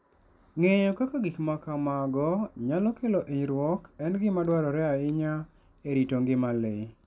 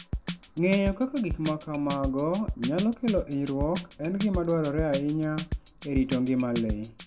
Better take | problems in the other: first | background sound (Drum kit); 8 dB below the speech // room echo; dies away in 0.3 s

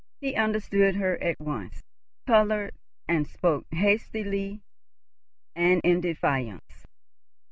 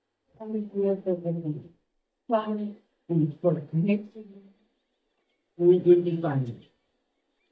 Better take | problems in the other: first | noise reduction (neural mask model DeepFilterNet 3)

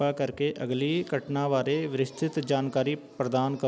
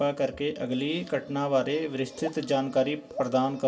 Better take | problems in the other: first | background sound (Raindrop / Drip); 14 dB below the speech // room echo; dies away in 0.2 s

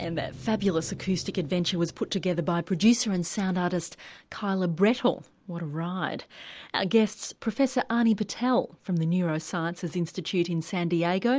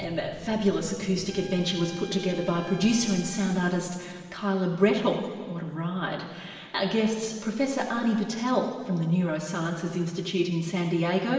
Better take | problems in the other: first | background sound (Trumpet); 19 dB below the speech // room echo; dies away in 1.6 s

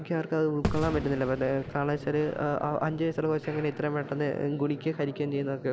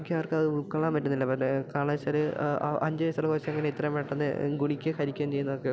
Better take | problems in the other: second | background sound (Fireworks); 9 dB below the speech

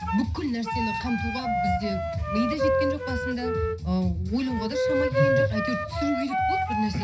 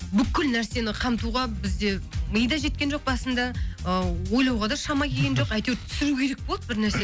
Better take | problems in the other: second | background sound (Wind instrument, woodwind instrument); as loud as the speech // room echo; dies away in 0.4 s

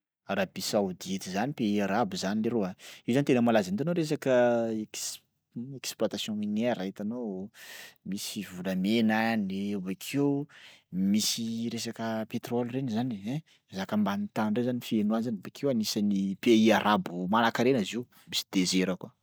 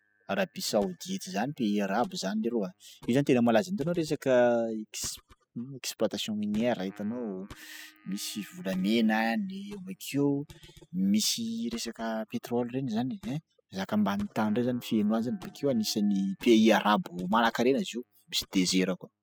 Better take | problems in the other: first | noise reduction (classical method spectral subtraction)

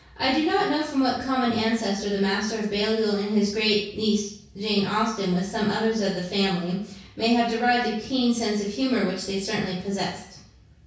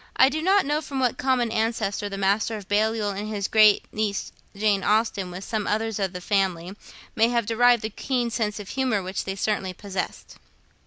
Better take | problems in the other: second | room echo; dies away in 0.6 s

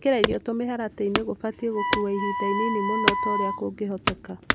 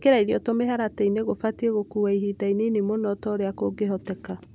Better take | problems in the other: second | background sound (Wood / Domestic sounds, home sounds + Wind instrument, woodwind instrument); as loud as the speech

